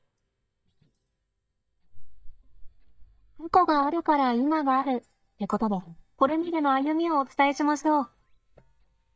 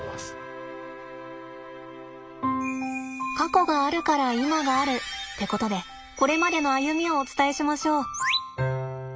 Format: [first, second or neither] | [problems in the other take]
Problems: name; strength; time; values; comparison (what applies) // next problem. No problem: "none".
second | noise reduction (neural mask model DeepFilterNet 3)